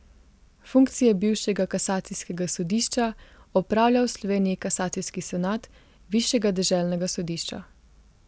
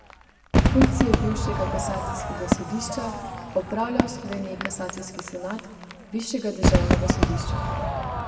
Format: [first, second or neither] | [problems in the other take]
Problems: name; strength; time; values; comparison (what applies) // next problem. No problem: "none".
first | background sound (Crowd / Fireworks); 4 dB above the speech // room echo; dies away in 1.9 s